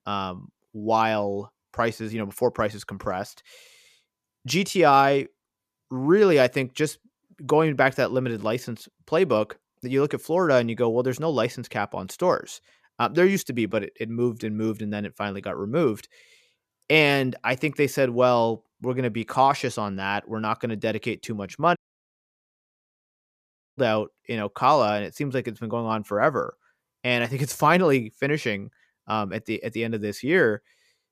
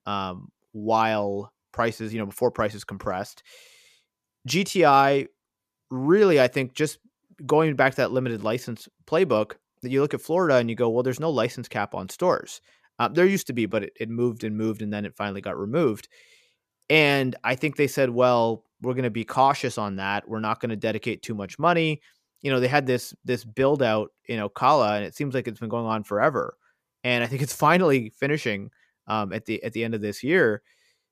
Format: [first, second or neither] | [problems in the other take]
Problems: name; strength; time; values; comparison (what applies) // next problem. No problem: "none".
second | audio cutting out; at 22 s for 2 s